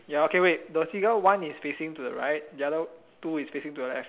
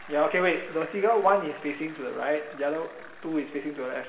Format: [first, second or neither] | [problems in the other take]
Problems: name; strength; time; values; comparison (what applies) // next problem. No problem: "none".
first | background sound (Bicycle); 19 dB below the speech // room echo; dies away in 0.8 s